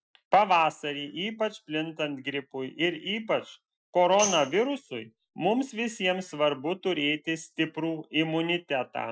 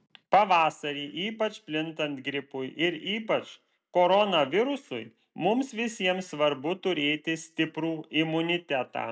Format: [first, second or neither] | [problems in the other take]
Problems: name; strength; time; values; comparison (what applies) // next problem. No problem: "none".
second | noise reduction (classical method Wiener filter)